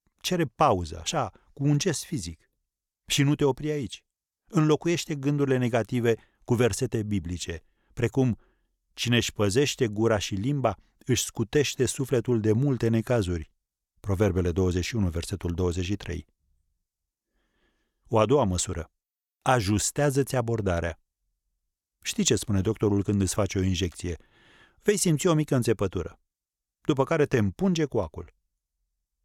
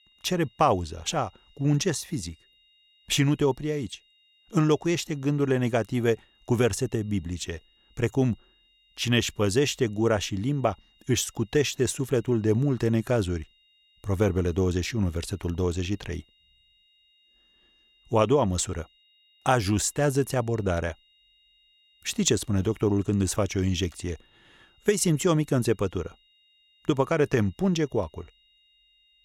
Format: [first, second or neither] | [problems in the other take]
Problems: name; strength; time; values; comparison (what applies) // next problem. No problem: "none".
first | high-pitched whine; faint; throughout; 3 kHz, 35 dB below the speech